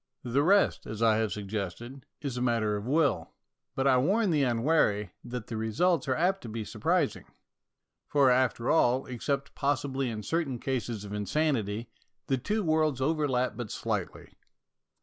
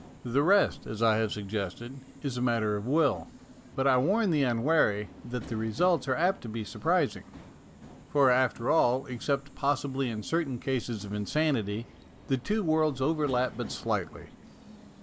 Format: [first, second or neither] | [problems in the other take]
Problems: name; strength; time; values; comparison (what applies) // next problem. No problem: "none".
first | background sound (Subway, metro, underground); 20 dB below the speech